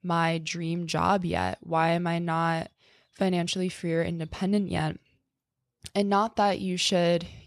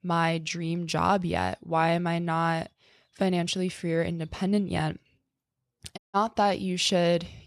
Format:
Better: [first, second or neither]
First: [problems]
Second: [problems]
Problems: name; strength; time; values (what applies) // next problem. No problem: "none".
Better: first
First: none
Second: audio cutting out; at 6 s